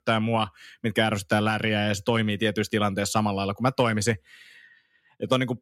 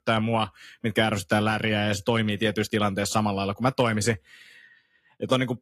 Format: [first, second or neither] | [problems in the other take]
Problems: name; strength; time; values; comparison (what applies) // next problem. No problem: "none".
first | garbled, watery; slightly; nothing above 12.5 kHz